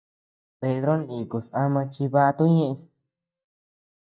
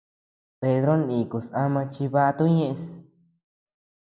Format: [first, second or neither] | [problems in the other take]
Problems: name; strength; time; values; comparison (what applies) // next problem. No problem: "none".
second | noise reduction (neural mask model DeepFilterNet 3)